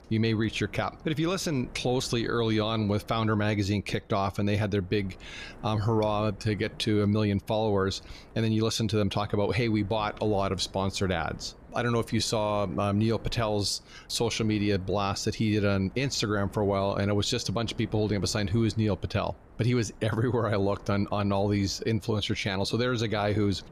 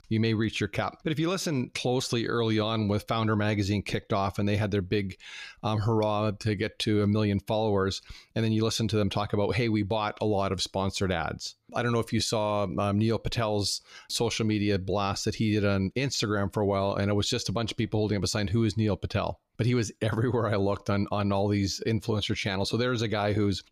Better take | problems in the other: second | wind noise on the microphone; occasional gusts; 25 dB below the speech

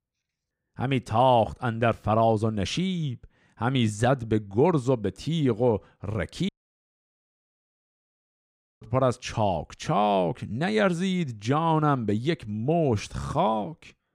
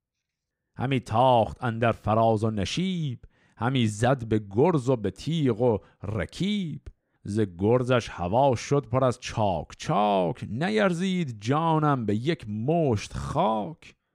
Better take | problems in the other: second | audio cutting out; at 6.5 s for 2.5 s

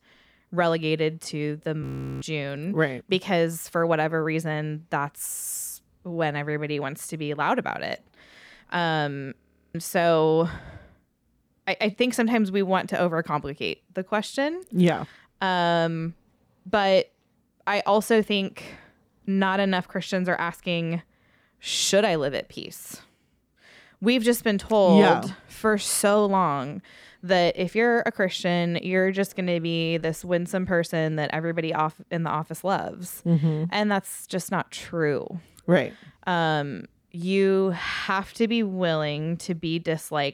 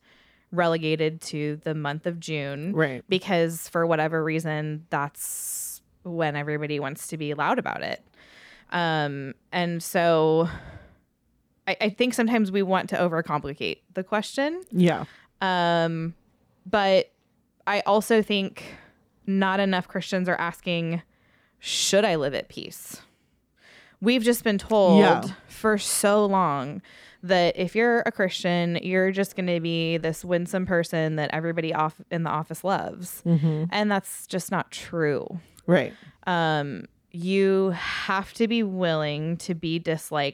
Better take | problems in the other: second | audio freezing; at 2 s and at 9.5 s

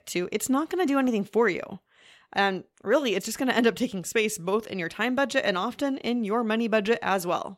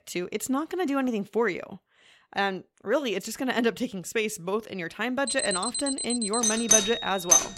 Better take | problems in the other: first | alarms or sirens; very loud; from 5 s on; 4 dB above the speech

